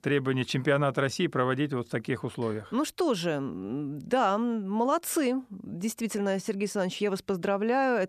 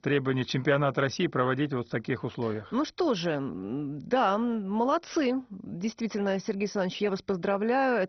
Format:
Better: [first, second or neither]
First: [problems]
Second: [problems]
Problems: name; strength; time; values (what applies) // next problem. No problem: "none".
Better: first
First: none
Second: garbled, watery; badly; nothing above 6 kHz